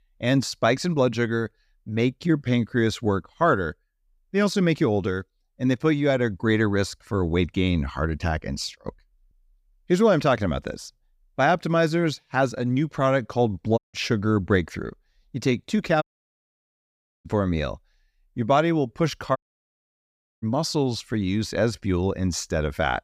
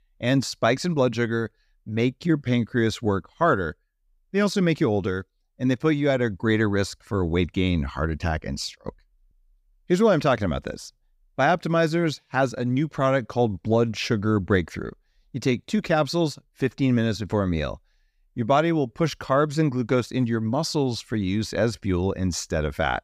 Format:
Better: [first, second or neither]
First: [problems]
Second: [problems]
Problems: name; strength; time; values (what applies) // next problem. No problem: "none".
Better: second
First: audio cutting out; at 14 s, at 16 s for 1 s and at 19 s for 1 s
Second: none